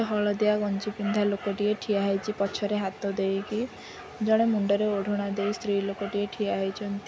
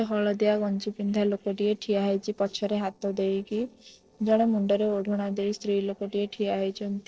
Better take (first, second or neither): first